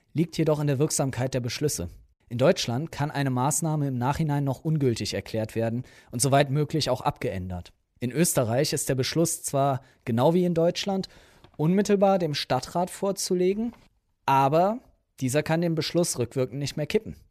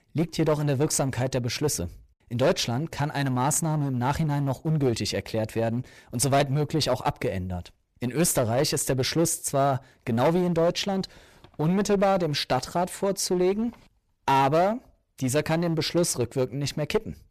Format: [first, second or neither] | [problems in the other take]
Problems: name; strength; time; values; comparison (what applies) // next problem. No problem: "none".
first | distortion; slight; 9% of the sound clipped